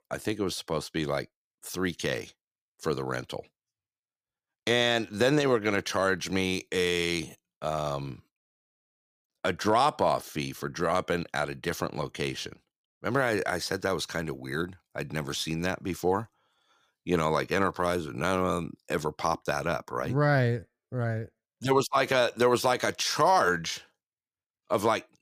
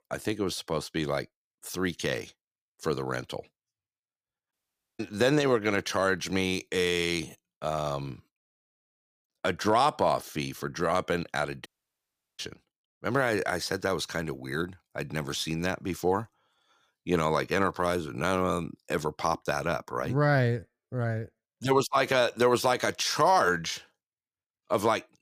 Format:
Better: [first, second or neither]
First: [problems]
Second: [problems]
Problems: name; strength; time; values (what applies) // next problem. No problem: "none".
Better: first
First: none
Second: audio cutting out; at 4.5 s and at 12 s for 0.5 s